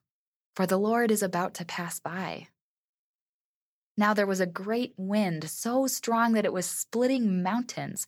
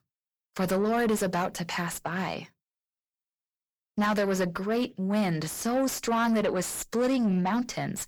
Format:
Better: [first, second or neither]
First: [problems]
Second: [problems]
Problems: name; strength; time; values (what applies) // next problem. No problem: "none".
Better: first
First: none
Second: distortion; slight; 10 dB below the speech